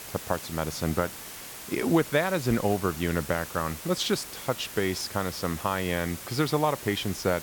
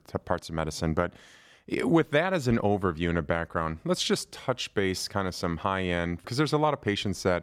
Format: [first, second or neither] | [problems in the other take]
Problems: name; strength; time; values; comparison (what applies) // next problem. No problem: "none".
second | hiss; noticeable; throughout; 10 dB below the speech